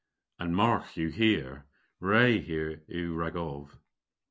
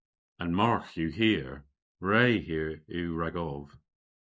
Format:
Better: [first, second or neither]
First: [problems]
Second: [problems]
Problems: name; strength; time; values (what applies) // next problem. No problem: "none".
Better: first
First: none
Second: noise reduction (neural mask model Resemble Enhance denoiser)